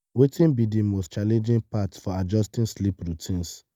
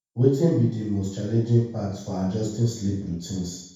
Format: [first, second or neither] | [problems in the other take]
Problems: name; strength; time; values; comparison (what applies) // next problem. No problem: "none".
first | room echo; dies away in 0.7 s